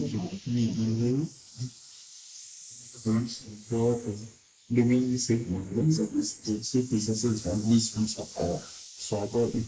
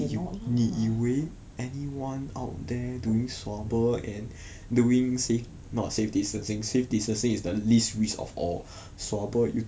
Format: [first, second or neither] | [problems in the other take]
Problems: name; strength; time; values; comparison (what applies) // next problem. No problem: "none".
second | noise reduction (neural mask model Resemble Enhance denoiser)